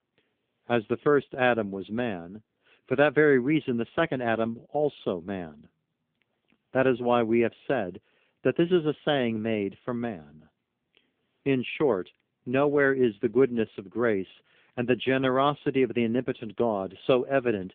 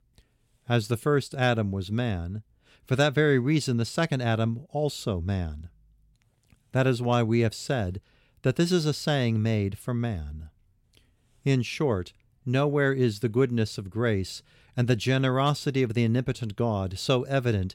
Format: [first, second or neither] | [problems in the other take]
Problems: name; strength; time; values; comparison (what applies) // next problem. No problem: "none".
second | phone-call audio; poor line; nothing above 3.5 kHz